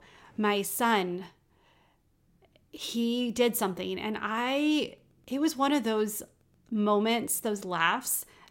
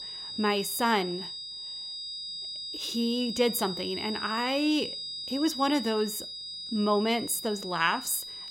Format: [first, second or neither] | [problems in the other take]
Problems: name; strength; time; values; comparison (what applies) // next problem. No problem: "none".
first | high-pitched whine; loud; throughout; 5 kHz, 7 dB below the speech